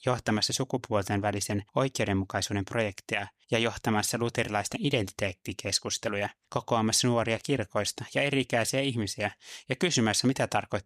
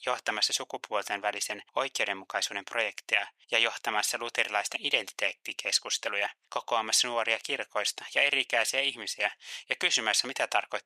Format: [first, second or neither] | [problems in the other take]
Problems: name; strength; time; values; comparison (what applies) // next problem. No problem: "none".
first | thin; very; fading below 750 Hz